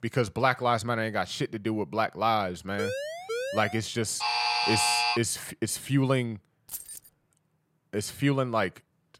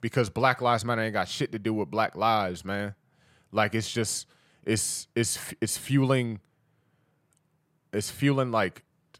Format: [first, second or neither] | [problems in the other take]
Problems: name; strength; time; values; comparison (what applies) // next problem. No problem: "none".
second | siren; noticeable; from 3 to 4 s; peak 4 dB below the speech // alarm; loud; at 4 s; peak 5 dB above the speech // jangling keys; noticeable; at 6.5 s; peak 9 dB below the speech